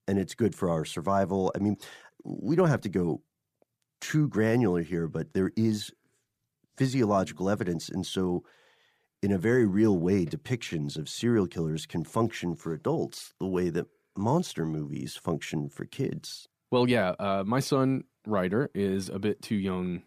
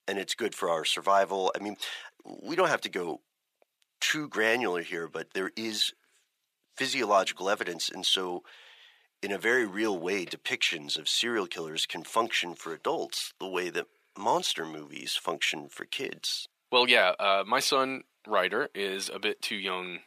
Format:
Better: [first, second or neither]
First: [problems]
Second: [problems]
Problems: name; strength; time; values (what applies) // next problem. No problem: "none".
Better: first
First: none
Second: thin; very; fading below 650 Hz